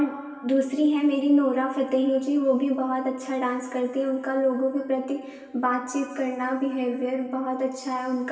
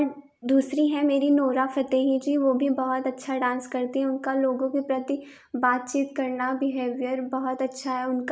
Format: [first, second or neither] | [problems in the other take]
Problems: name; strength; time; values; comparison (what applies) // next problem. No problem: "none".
second | room echo; dies away in 2.7 s